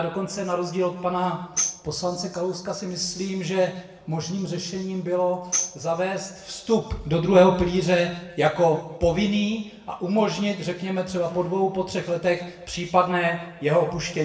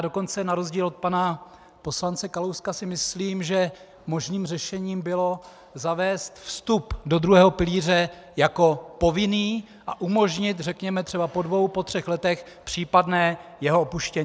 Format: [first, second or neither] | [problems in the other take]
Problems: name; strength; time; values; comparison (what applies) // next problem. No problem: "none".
second | background sound (Tambourine); 8 dB below the speech // room echo; dies away in 0.7 s